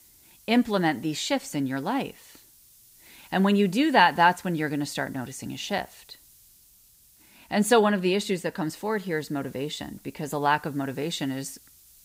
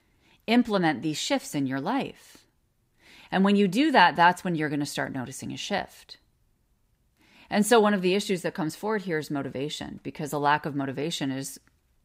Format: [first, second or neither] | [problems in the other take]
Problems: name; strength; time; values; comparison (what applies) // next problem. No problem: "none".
second | hiss; faint; throughout; 25 dB below the speech